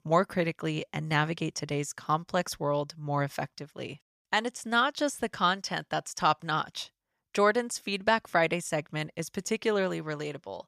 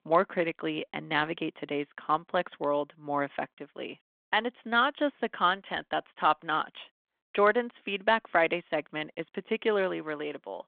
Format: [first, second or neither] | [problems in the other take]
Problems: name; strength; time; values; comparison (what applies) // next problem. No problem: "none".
first | phone-call audio